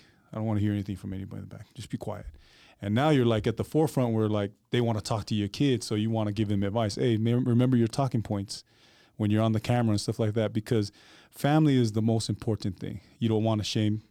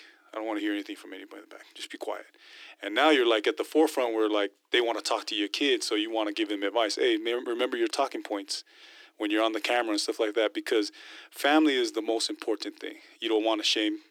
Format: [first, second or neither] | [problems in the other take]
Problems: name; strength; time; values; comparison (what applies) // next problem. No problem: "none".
first | thin; very; fading below 300 Hz